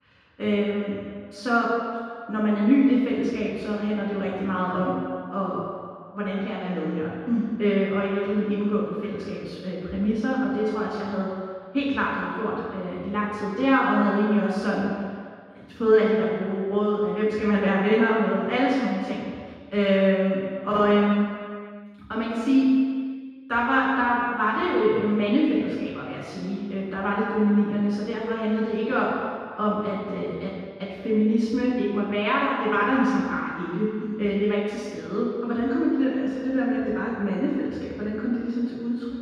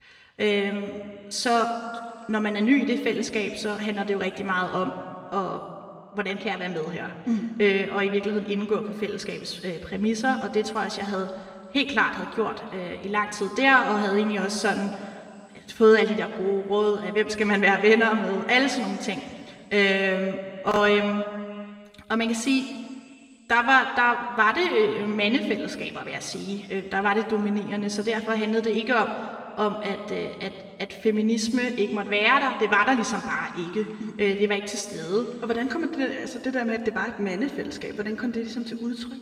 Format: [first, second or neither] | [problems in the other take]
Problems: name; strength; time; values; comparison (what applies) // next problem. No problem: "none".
second | room echo; strong; dies away in 1.8 s; slight in the second // off-mic speech; far; somewhat distant in the second